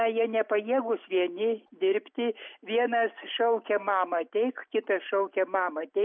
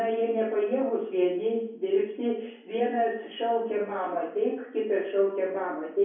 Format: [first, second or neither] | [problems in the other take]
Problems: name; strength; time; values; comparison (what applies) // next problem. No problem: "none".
first | room echo; dies away in 0.6 s